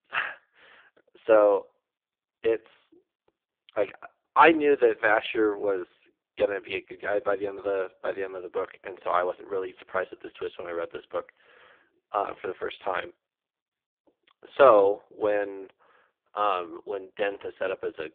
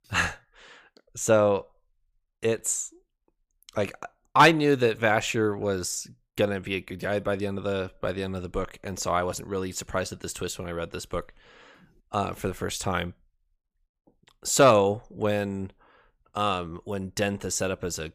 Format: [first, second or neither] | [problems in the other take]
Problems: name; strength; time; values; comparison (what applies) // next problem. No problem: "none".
second | phone-call audio; poor line